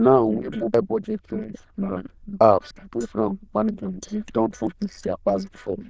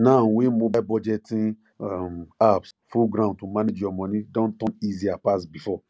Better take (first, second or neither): second